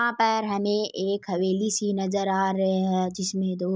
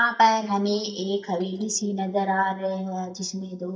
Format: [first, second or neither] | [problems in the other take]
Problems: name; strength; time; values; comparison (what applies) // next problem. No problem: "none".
first | noise reduction (neural mask model DeepFilterNet 3)